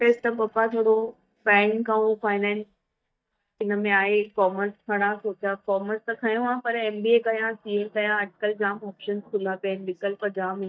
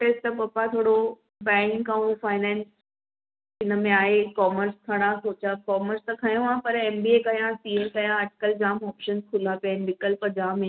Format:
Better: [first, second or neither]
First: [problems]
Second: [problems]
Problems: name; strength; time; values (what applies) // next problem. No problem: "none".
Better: second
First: noise reduction (neural mask model DeepFilterNet 3)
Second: none